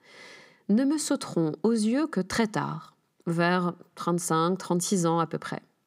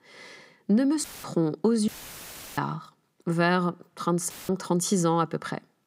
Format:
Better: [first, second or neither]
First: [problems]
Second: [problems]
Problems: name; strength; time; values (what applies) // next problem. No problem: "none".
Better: first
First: none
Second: audio cutting out; filled with static; at 1 s, at 2 s for 0.5 s and at 4.5 s